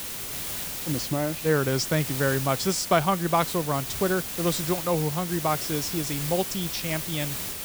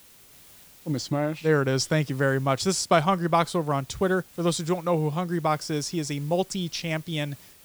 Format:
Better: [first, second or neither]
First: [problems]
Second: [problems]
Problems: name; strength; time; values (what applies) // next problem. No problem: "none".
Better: second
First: hiss; loud; throughout; 4 dB below the speech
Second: hiss; faint; throughout; 25 dB below the speech